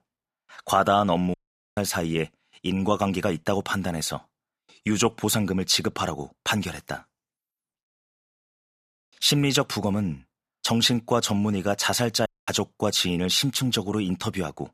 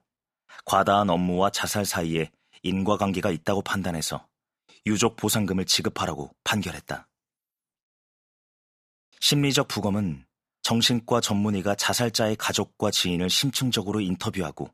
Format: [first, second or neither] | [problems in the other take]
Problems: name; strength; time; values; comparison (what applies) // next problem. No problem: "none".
second | audio cutting out; at 1.5 s and at 12 s